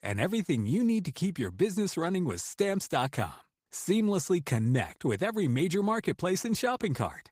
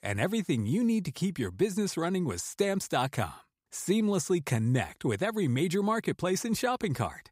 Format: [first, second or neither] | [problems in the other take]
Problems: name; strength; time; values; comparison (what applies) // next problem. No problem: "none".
second | garbled, watery; slightly; nothing above 15.5 kHz